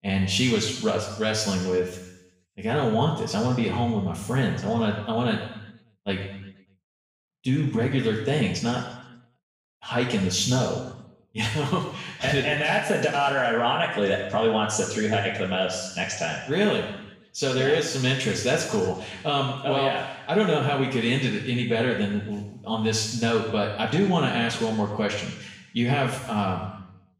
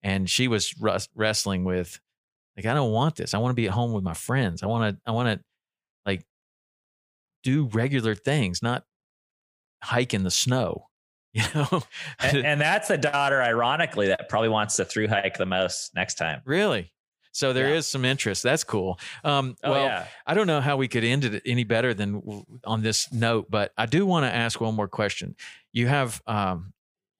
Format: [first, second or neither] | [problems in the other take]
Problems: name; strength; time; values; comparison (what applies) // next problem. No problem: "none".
second | room echo; noticeable; dies away in 0.9 s // off-mic speech; far